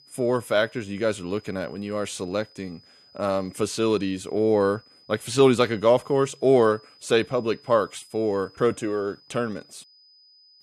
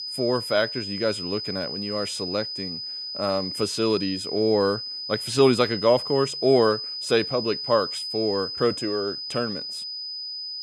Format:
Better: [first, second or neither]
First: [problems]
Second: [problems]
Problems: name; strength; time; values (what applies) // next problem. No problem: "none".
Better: first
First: high-pitched whine; faint; throughout; 5 kHz, 30 dB below the speech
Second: high-pitched whine; loud; throughout; 5 kHz, 5 dB below the speech